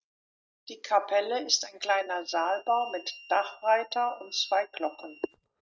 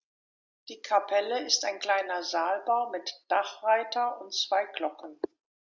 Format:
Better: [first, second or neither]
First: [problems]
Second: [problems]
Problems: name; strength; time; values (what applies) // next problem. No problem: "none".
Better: second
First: noise reduction (neural mask model RNNoise)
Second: none